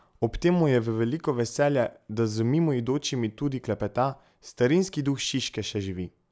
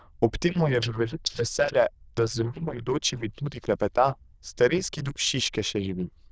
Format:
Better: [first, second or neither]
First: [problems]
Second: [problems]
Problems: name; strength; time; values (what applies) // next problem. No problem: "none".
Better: first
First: none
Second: noise reduction (neural diffusion model UNIVERSE++)